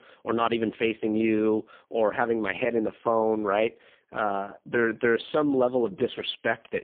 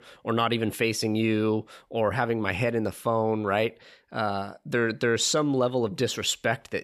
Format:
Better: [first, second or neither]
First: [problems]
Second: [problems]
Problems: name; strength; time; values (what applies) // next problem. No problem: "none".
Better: second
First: phone-call audio; poor line; nothing above 3.5 kHz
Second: none